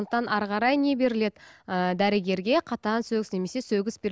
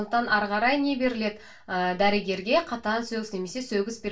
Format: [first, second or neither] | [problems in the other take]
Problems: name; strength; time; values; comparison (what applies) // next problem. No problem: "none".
first | room echo; dies away in 0.2 s